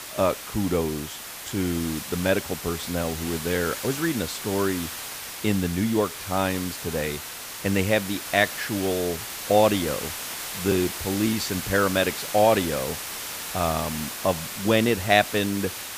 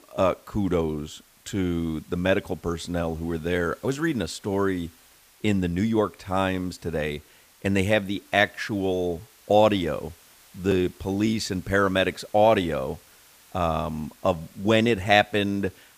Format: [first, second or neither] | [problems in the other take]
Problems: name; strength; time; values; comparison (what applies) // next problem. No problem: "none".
second | hiss; loud; throughout; 7 dB below the speech; faint in the second